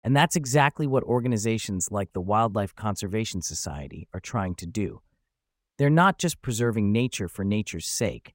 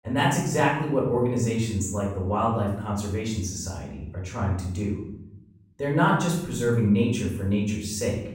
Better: first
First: none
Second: room echo; noticeable; dies away in 0.8 s // off-mic speech; far

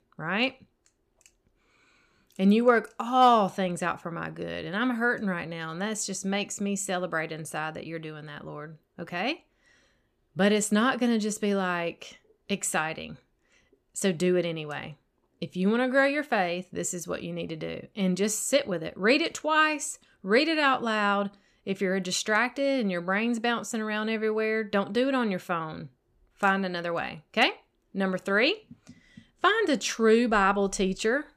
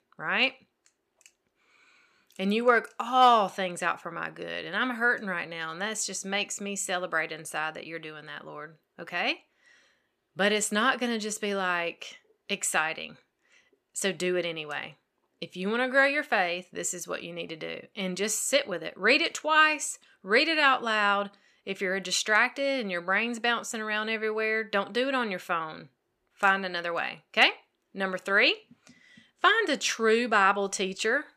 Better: first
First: none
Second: thin; very slightly; fading below 450 Hz

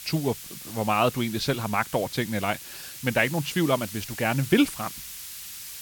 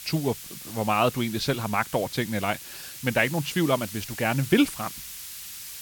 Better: neither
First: hiss; noticeable; throughout; 10 dB below the speech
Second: hiss; noticeable; throughout; 10 dB below the speech

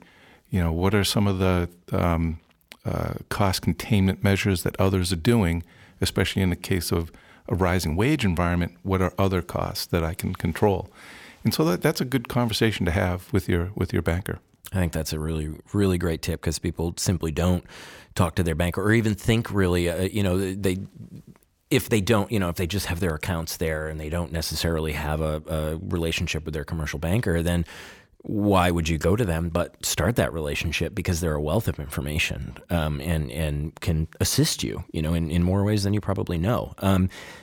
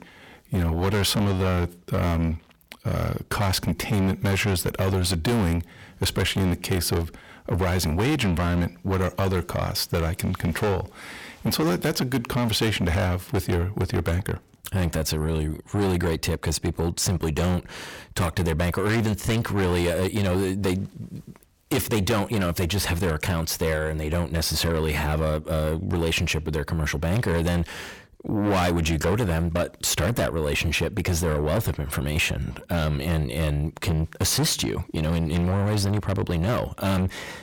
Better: first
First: none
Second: distortion; heavy; 7 dB below the speech

